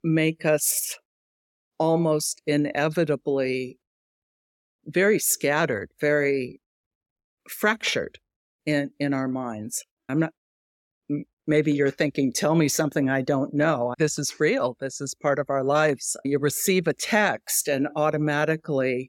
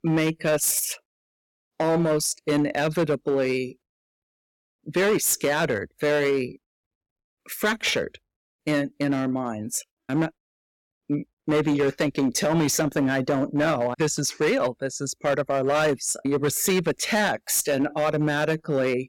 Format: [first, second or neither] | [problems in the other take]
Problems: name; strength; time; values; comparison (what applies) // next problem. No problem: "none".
first | distortion; slight; 8% of the sound clipped